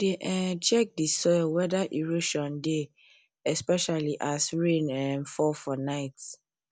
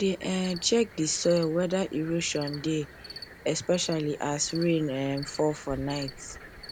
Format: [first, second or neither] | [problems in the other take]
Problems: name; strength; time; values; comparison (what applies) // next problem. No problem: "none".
first | background sound (Cricket); 16 dB below the speech